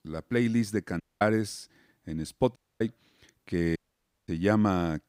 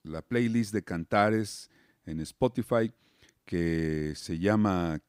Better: second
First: audio cutting out; at 1 s, at 2.5 s and at 4 s for 0.5 s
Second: none

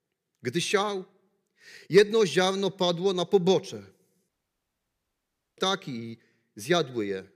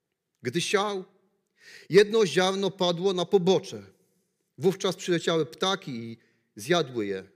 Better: second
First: audio cutting out; at 4.5 s for 1.5 s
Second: none

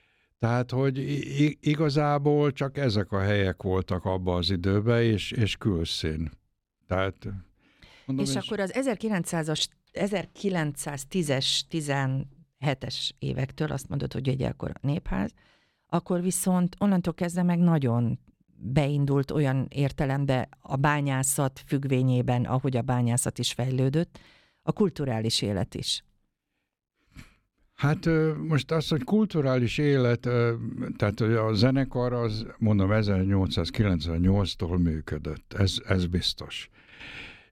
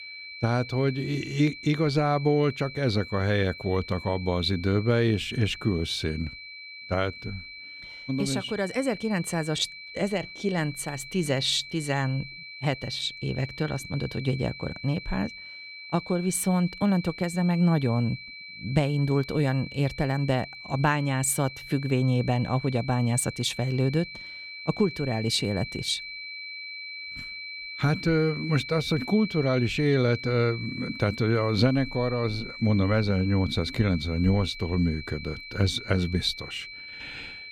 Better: first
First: none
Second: high-pitched whine; noticeable; throughout; 2.5 kHz, 10 dB below the speech

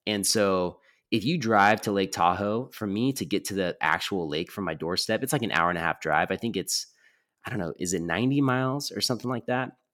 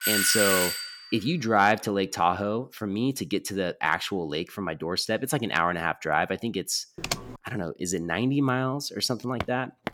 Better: first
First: none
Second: doorbell; loud; at the start; peak 5 dB above the speech // keyboard typing; noticeable; at 7 s; peak 5 dB below the speech // footsteps; faint; at 9.5 s; peak 10 dB below the speech

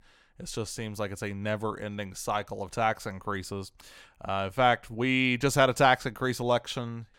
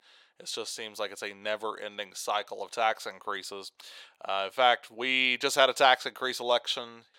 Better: first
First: none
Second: thin; somewhat; fading below 500 Hz

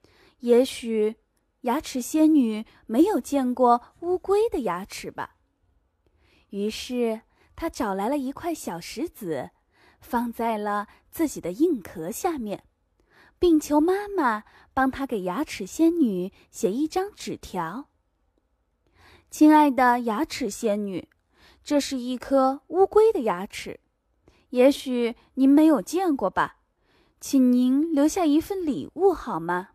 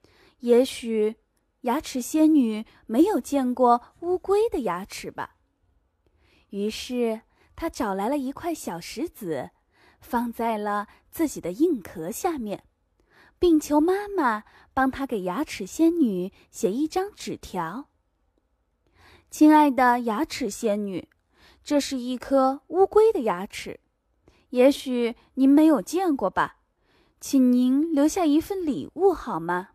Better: neither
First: none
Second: none

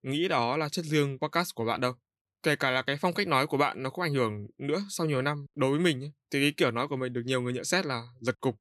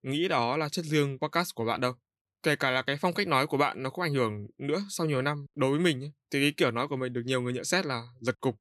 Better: neither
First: none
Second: none

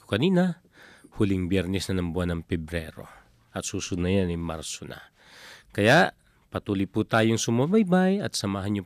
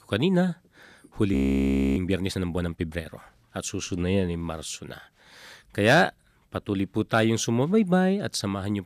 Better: first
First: none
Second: audio freezing; at 1.5 s for 0.5 s

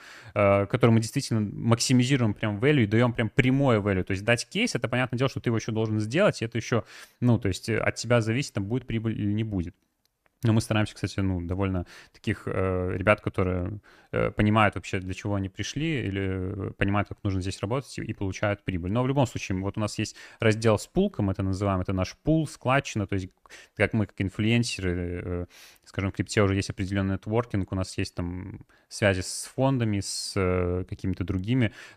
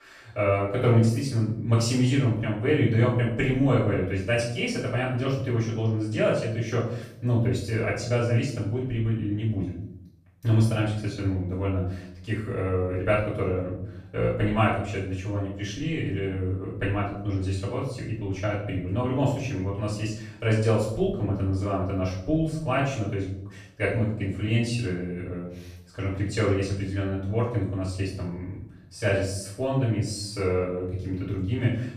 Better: first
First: none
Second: off-mic speech; far // room echo; noticeable; dies away in 0.6 s

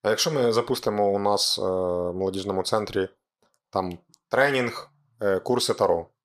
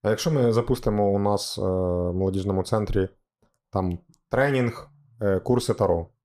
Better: second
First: thin; somewhat; fading below 600 Hz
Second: none

